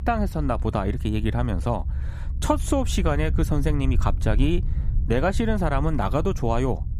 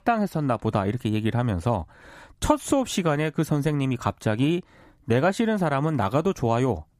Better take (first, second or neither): second